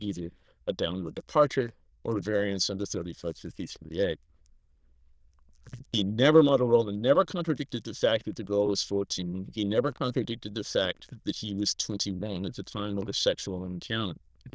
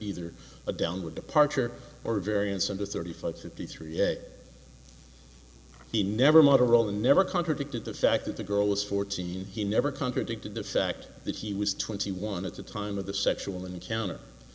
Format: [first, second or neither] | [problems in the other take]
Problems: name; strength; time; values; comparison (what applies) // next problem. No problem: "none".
second | noise reduction (neural diffusion model UNIVERSE++)